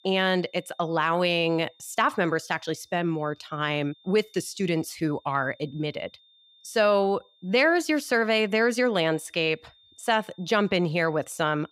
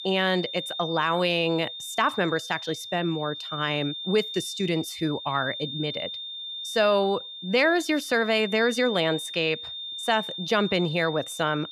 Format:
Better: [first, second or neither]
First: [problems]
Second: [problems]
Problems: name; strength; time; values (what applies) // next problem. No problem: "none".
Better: first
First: high-pitched whine; faint; throughout; 3.5 kHz, 30 dB below the speech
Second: high-pitched whine; loud; throughout; 3.5 kHz, 8 dB below the speech